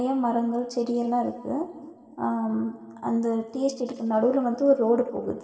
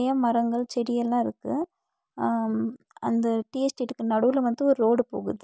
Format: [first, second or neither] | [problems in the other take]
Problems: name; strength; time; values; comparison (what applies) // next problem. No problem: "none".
second | room echo; dies away in 2.2 s